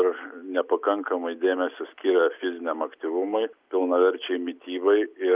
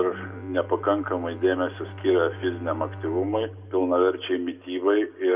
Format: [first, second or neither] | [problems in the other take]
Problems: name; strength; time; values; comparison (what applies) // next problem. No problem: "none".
first | background sound (Bowed string instrument); 15 dB below the speech // room echo; dies away in 0.7 s